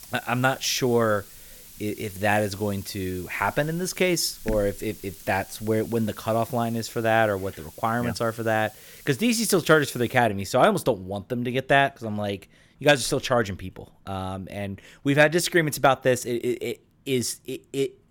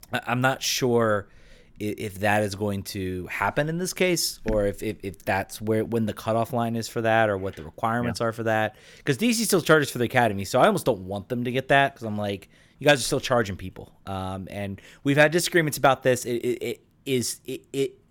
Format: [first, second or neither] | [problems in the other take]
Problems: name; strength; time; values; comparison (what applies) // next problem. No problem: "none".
second | hiss; noticeable; until 10 s; 20 dB below the speech